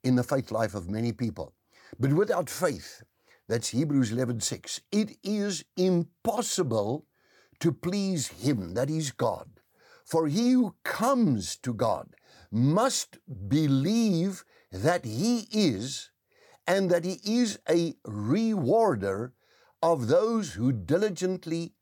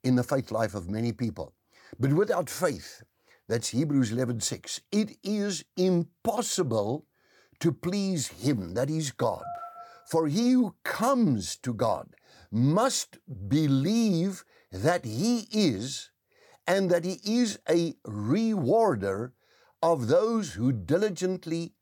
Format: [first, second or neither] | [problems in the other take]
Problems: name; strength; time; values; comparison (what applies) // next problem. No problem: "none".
first | phone ringing; faint; at 9.5 s; peak 10 dB below the speech